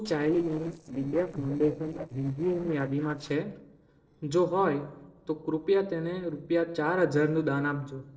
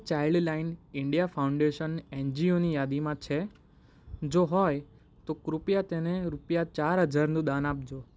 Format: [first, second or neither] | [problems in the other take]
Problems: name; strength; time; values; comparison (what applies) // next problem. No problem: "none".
second | noise reduction (neural separator model SepFormer DNS4)